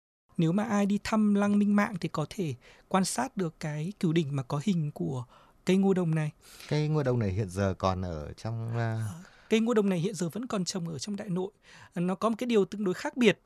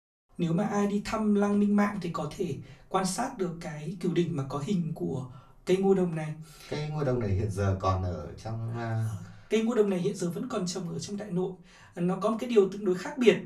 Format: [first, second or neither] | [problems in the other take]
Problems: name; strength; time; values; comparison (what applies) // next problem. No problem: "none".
first | off-mic speech; far // room echo; very slight; dies away in 0.3 s